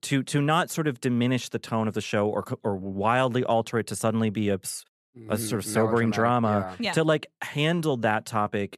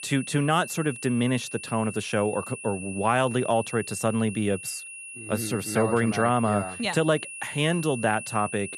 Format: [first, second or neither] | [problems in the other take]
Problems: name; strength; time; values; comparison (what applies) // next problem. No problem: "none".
first | high-pitched whine; noticeable; throughout; 2.5 kHz, 10 dB below the speech